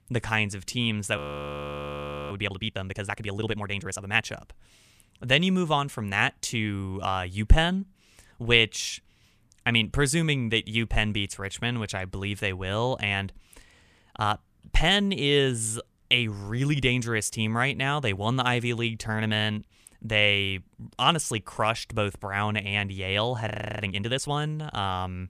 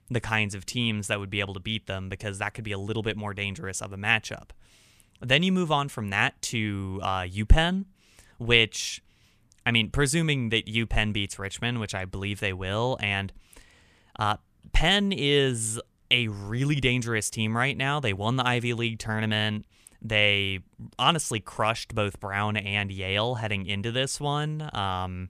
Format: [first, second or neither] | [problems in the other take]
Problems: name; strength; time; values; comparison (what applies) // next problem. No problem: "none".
second | audio freezing; at 1 s for 1 s and at 23 s